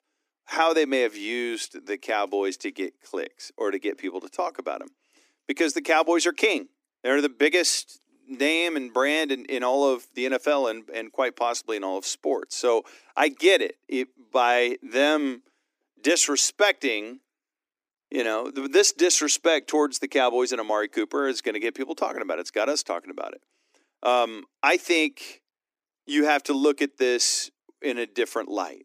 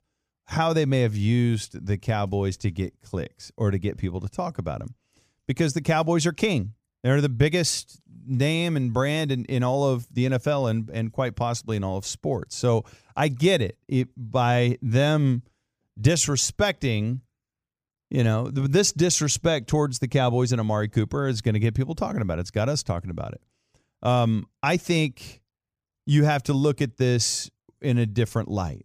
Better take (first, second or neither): second